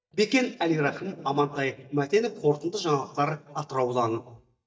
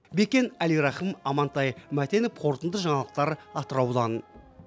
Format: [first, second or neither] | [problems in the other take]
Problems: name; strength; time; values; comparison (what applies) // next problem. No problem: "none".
second | noise reduction (neural mask model DeepFilterNet 3)